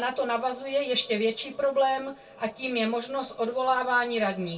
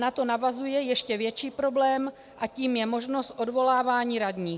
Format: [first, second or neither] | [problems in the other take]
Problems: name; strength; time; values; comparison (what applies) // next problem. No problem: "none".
second | room echo; dies away in 0.2 s